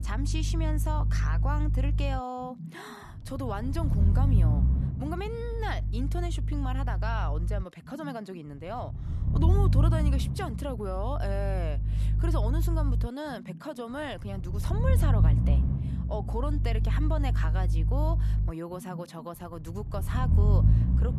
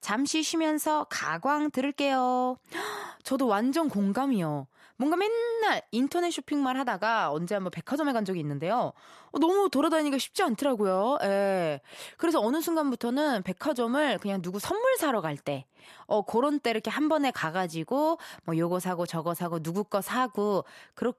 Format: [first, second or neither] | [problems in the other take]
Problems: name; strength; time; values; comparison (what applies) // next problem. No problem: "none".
second | low rumble; loud; throughout; 6 dB below the speech